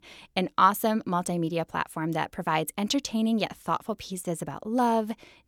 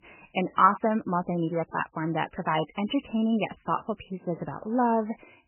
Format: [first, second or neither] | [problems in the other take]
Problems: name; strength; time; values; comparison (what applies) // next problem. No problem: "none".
first | garbled, watery; badly; nothing above 3 kHz